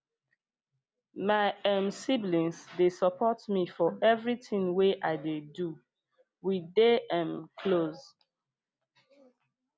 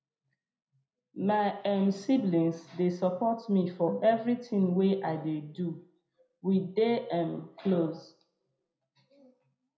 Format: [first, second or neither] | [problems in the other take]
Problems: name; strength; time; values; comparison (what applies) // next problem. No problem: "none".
first | room echo; dies away in 0.4 s